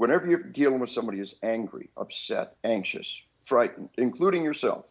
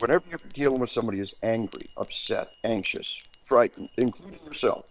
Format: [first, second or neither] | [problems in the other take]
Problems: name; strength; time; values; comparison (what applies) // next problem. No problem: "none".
first | noise reduction (neural separator model SepFormer WHAM!)